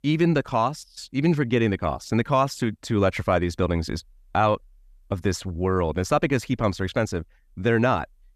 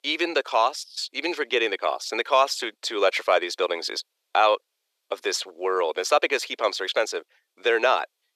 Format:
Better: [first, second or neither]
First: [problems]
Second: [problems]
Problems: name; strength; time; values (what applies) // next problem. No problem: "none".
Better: first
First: none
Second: thin; very; fading below 400 Hz